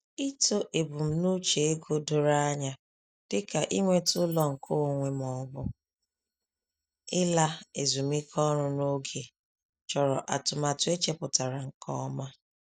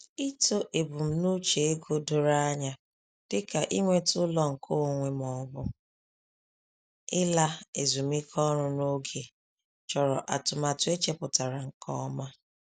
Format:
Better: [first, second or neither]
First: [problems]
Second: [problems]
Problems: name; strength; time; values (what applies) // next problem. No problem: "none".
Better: second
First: noise reduction (neural mask model DeepFilterNet 3)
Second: none